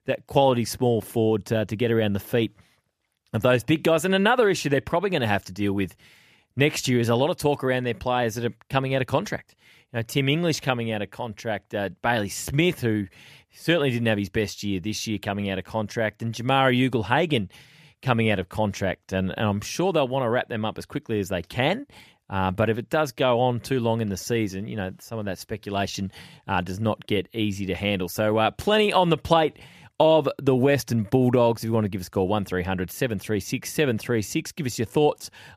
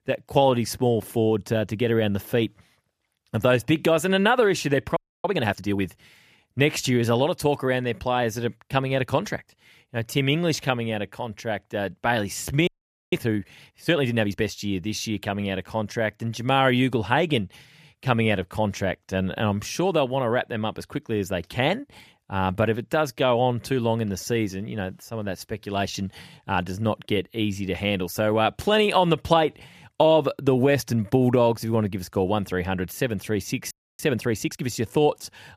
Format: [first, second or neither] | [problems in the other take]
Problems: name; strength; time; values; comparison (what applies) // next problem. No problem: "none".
first | audio freezing; at 5 s, at 13 s and at 34 s